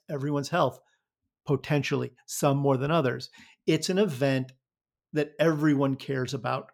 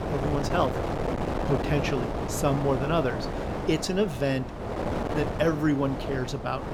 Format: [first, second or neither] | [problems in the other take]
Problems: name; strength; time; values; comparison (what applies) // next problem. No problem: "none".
first | wind noise on the microphone; heavy; 3 dB below the speech